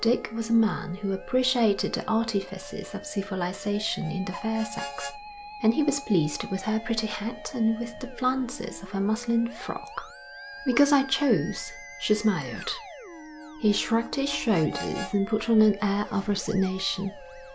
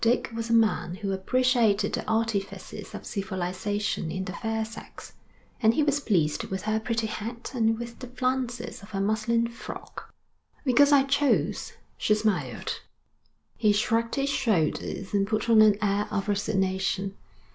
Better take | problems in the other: second | background sound (Harmonica + Musical instrument); 15 dB below the speech

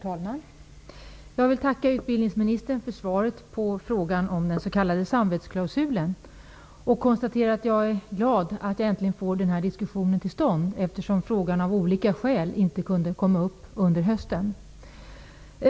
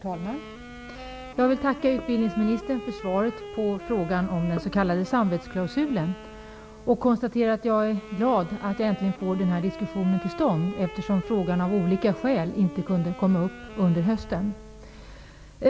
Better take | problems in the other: first | background sound (Wind instrument, woodwind instrument); 15 dB below the speech

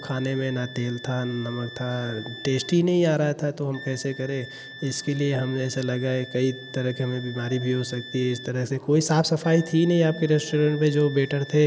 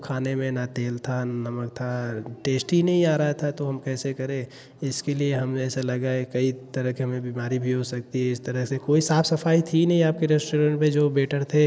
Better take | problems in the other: second | background sound (Wind instrument, woodwind instrument); 18 dB below the speech

